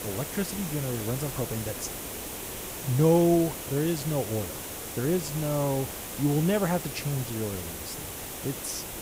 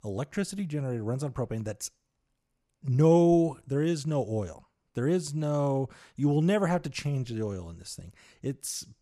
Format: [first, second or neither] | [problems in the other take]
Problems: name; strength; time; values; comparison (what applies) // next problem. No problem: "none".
second | hiss; loud; throughout; 7 dB below the speech